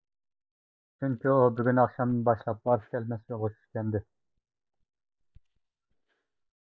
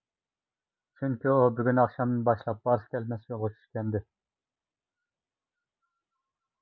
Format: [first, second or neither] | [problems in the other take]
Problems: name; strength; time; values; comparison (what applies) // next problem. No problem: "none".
second | noise reduction (neural mask model DeepFilterNet 3)